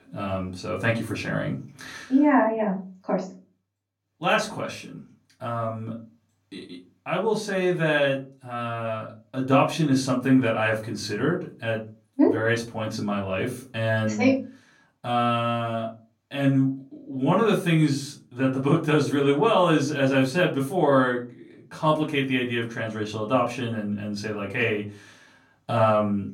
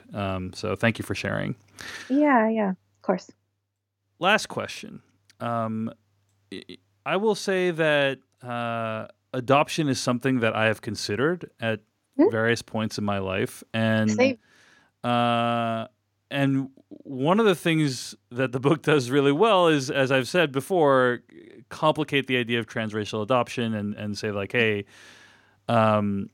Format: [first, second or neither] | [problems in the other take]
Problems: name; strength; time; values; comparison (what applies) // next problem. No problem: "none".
second | off-mic speech; far // room echo; very slight; dies away in 0.3 s